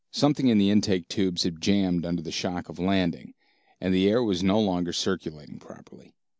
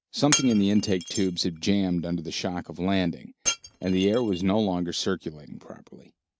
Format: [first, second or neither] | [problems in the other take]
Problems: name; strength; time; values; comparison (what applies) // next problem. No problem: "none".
first | noise reduction (neural mask model RNNoise)